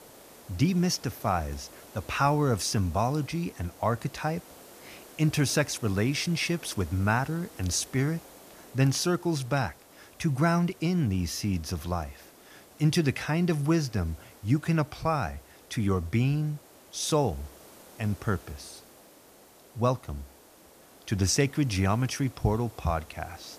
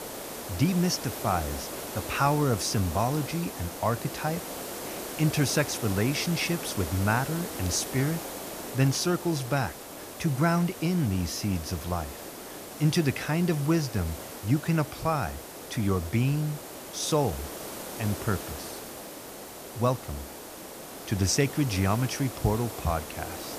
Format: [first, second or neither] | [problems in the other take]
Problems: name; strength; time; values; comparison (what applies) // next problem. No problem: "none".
first | hiss; loud; throughout; 9 dB below the speech; faint in the first